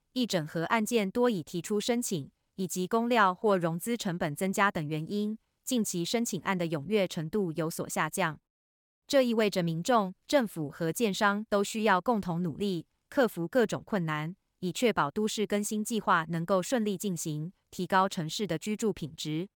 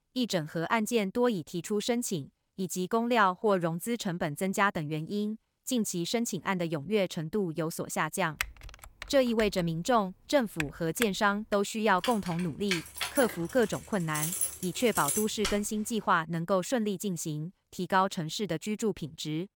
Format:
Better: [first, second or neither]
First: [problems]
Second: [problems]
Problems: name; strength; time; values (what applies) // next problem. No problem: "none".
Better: first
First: none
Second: keyboard typing; noticeable; from 8.5 to 12 s; peak 6 dB below the speech // jangling keys; loud; from 12 to 16 s; peak 1 dB above the speech